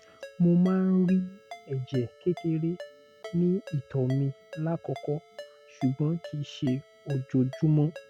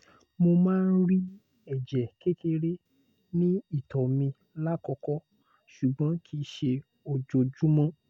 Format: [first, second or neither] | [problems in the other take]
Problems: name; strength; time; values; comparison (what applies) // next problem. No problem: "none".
second | background sound (Ringtone); 19 dB below the speech